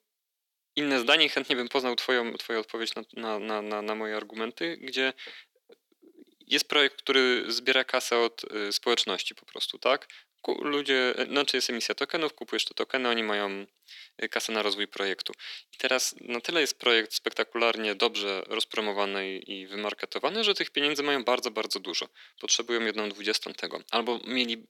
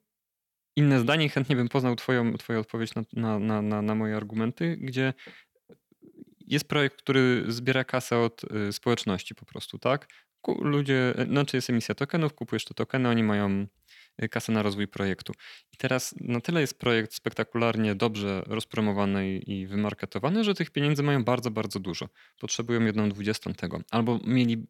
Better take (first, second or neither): second